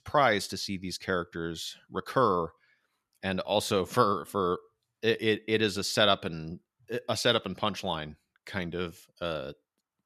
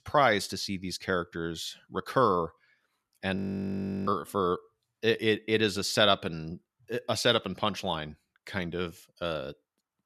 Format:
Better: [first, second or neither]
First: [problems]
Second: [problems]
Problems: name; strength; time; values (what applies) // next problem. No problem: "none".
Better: first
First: none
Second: audio freezing; at 3.5 s for 0.5 s